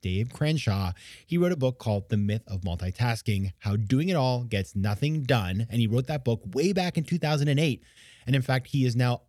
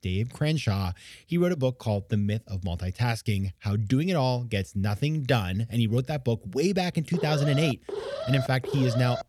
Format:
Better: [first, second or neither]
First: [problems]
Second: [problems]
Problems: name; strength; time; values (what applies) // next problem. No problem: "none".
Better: first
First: none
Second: alarm; noticeable; from 7 s on; peak 6 dB below the speech